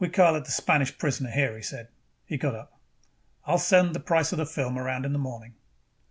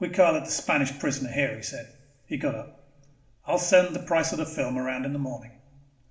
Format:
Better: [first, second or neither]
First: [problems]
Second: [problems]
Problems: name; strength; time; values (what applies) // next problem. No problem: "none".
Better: first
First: none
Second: room echo; dies away in 1.1 s